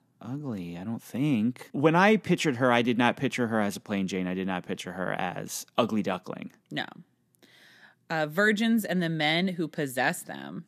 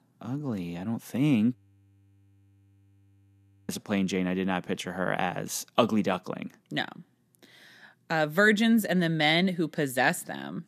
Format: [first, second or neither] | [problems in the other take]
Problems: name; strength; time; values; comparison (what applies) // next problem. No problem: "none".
first | audio freezing; at 1.5 s for 2 s